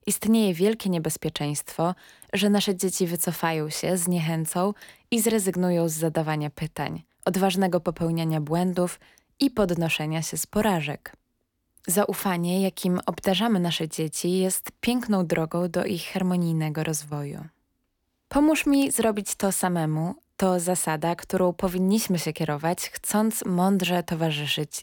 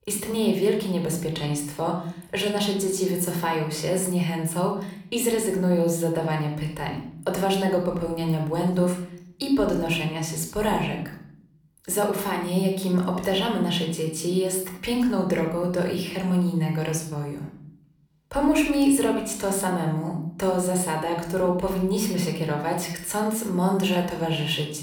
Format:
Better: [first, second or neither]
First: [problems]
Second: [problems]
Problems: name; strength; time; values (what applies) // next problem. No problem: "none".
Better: first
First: none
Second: room echo; slight; dies away in 0.6 s